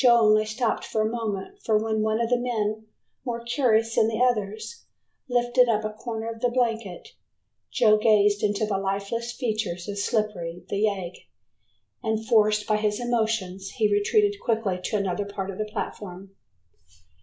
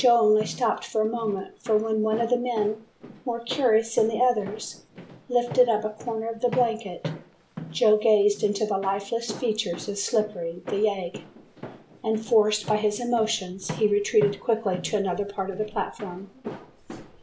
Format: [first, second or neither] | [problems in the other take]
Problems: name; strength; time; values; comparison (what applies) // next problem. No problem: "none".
first | background sound (Walk, footsteps); 15 dB below the speech